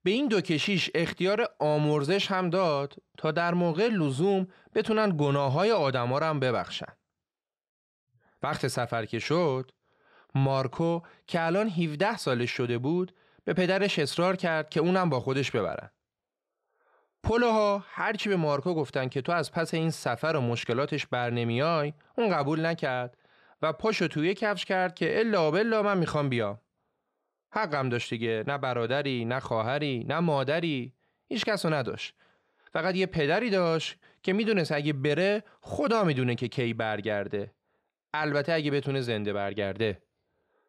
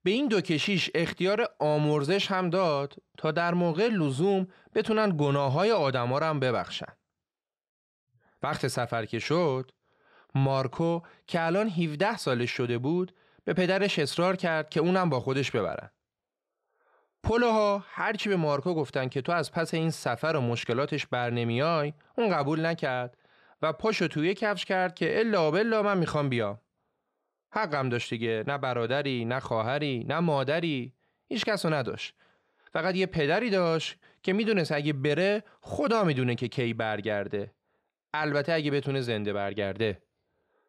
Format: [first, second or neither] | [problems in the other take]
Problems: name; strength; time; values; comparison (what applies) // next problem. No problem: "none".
neither | none